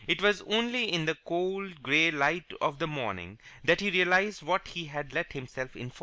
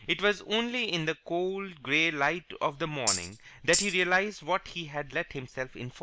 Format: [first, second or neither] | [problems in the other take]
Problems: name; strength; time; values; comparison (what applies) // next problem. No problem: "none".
first | background sound (Tambourine); 2 dB below the speech